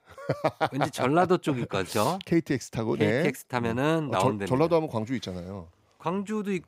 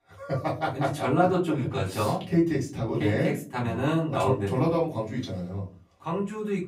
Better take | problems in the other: first | room echo; slight; dies away in 0.3 s // off-mic speech; far

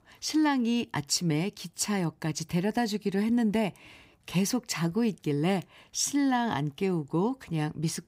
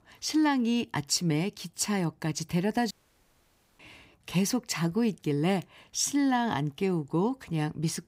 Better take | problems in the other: first | audio cutting out; at 3 s for 1 s

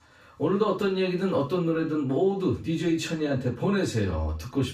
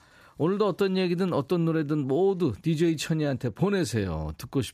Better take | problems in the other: second | room echo; slight; dies away in 0.3 s // off-mic speech; far

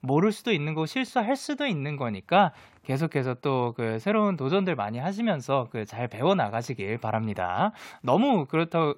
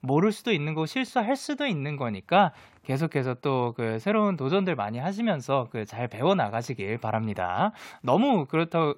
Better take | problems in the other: neither | none

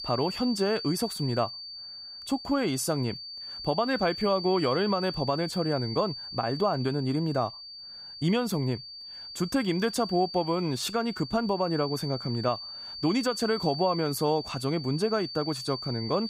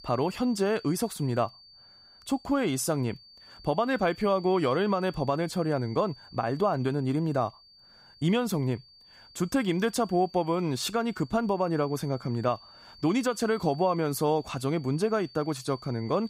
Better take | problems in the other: second | high-pitched whine; loud; throughout; 4.5 kHz, 8 dB below the speech; faint in the second

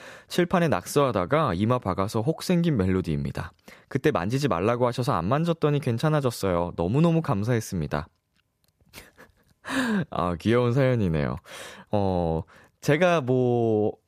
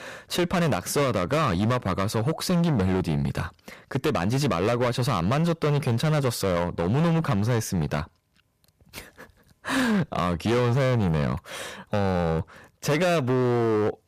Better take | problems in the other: first | distortion; heavy; 21% of the sound clipped

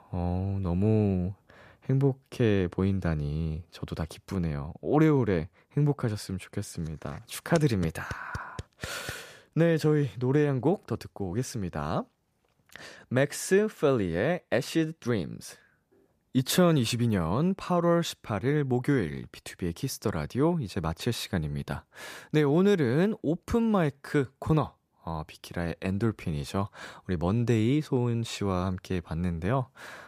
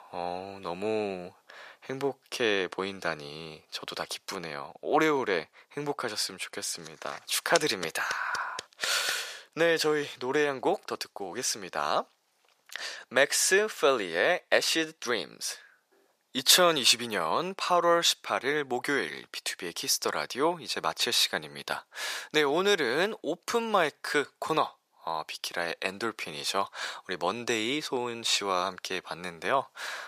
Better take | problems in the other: first | thin; very; fading below 650 Hz

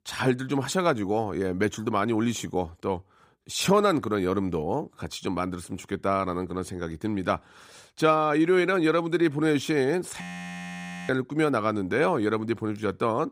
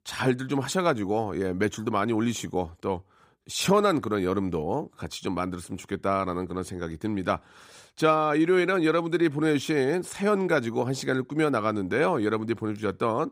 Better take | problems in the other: second | audio freezing; at 10 s for 1 s

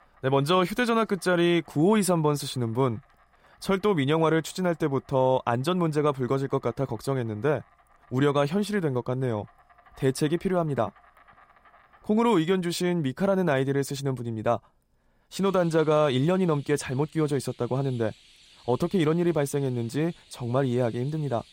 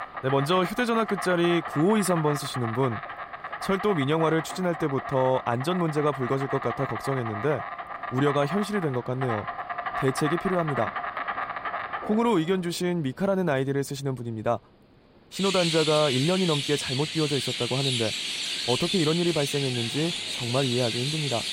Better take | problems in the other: first | animal sounds; loud; throughout; 4 dB below the speech; faint in the first

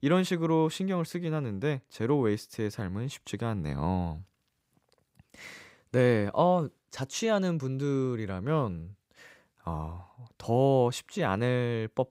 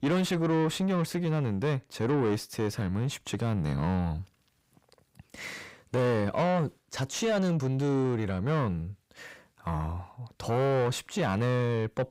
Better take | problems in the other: first | distortion; heavy; 7 dB below the speech

